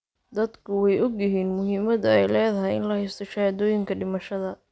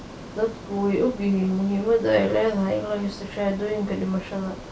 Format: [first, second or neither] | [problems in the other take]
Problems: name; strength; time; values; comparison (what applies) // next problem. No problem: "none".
first | background sound (Ocean); 15 dB below the speech // room echo; dies away in 0.3 s